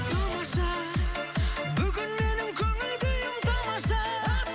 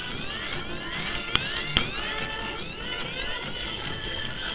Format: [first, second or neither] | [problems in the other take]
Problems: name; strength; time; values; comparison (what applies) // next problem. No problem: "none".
first | noise reduction (neural separator model SepFormer WHAMR!)